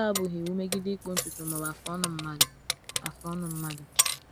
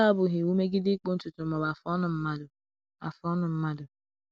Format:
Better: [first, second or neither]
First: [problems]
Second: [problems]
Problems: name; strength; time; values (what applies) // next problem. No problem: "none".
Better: second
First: background sound (Keys jangling); 1 dB above the speech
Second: none